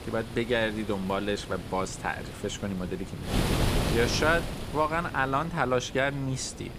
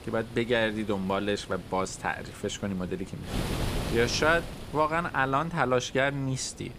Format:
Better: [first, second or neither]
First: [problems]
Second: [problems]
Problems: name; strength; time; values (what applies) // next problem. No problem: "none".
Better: second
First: wind noise on the microphone; heavy; 8 dB below the speech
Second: wind noise on the microphone; occasional gusts; 15 dB below the speech